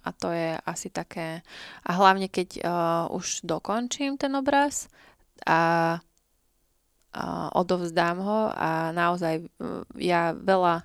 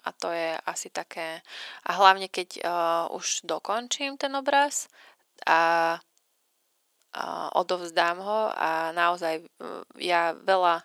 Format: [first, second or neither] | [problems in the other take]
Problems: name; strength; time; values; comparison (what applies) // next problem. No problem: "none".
first | thin; somewhat; fading below 500 Hz